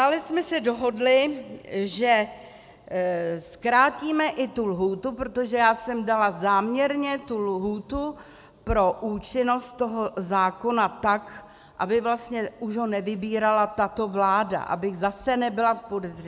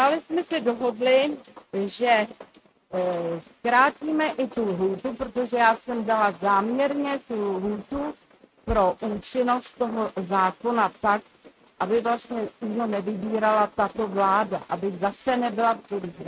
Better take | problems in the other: first | noise reduction (neural mask model RNNoise)

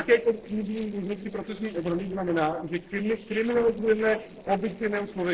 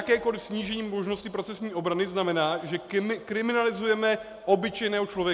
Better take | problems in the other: second | noise reduction (neural separator model SepFormer DNS4)

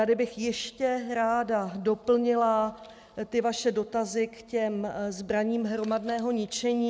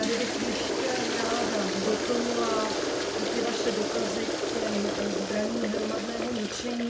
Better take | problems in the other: first | background sound (Toilet flush); 2 dB above the speech // room echo; dies away in 0.4 s

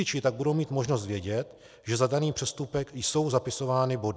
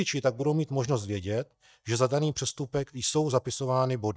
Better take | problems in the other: first | noise reduction (neural mask model DeepFilterNet 3)

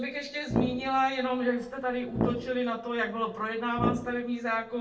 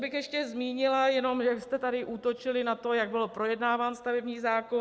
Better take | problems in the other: second | background sound (Brass instrument); 2 dB below the speech // room echo; dies away in 0.3 s

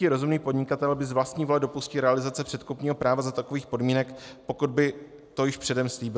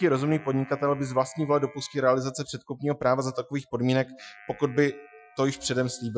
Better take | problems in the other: first | noise reduction (classical method Wiener filter)

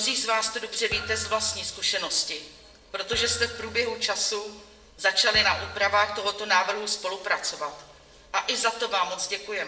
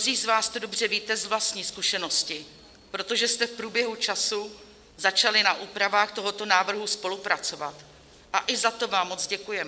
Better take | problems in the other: second | background sound (Thump, thud); 16 dB below the speech // room echo; dies away in 0.6 s

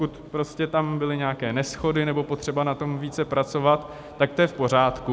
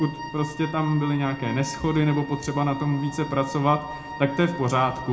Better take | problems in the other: first | background sound (Wind instrument, woodwind instrument); 13 dB below the speech // room echo; dies away in 0.3 s

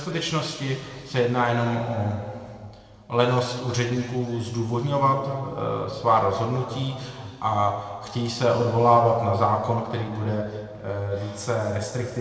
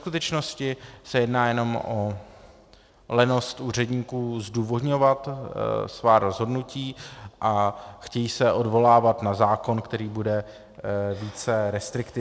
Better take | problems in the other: second | room echo; dies away in 2.2 s

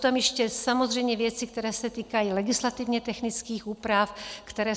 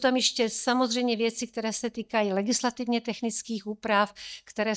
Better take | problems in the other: first | noise reduction (neural mask model DeepFilterNet 3)

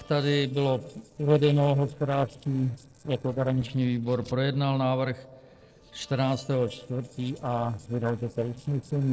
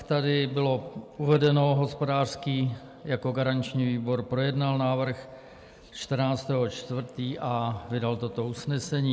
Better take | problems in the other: second | noise reduction (neural separator model SepFormer DNS4)

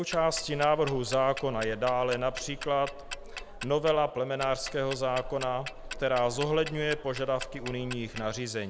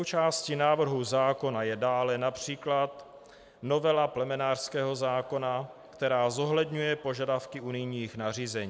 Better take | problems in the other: second | background sound (Tick-tock); 11 dB below the speech

